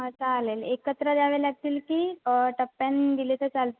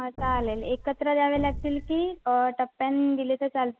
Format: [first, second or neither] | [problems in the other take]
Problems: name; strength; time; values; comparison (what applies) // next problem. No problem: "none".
first | background sound (Explosion); 11 dB below the speech